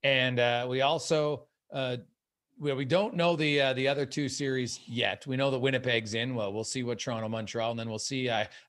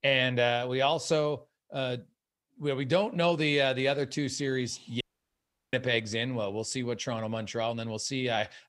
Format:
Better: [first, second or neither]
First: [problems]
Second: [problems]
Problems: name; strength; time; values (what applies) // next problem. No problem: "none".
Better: first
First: none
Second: audio cutting out; at 5 s for 0.5 s